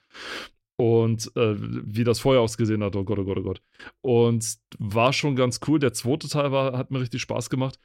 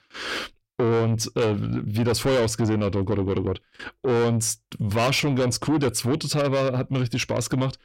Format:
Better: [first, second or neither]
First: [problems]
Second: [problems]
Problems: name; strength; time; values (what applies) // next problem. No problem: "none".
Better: first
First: none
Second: distortion; heavy; 7 dB below the speech